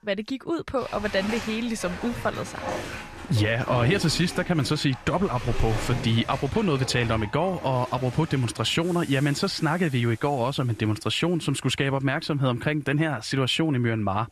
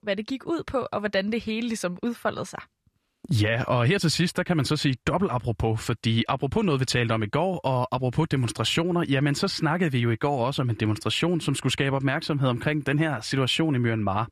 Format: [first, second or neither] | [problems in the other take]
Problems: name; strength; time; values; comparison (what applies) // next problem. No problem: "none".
second | household noises; noticeable; throughout; 10 dB below the speech